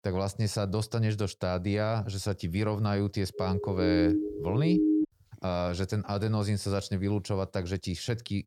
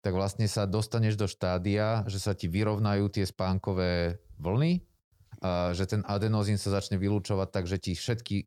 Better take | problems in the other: second | siren; loud; from 3.5 to 5 s; peak 5 dB above the speech

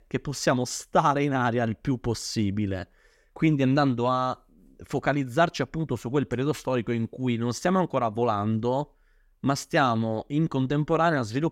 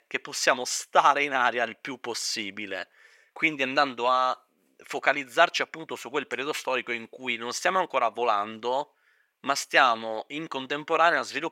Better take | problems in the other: first | thin; very; fading below 600 Hz

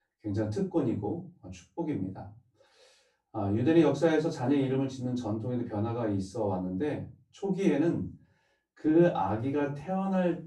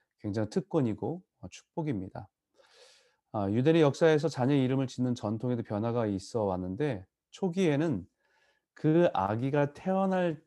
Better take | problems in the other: second | off-mic speech; far // room echo; slight; dies away in 0.3 s

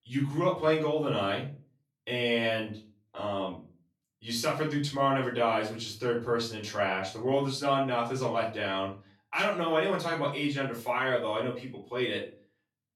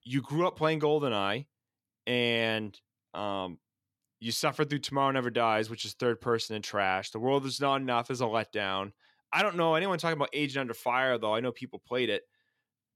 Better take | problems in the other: second | room echo; slight; dies away in 0.3 s // off-mic speech; far

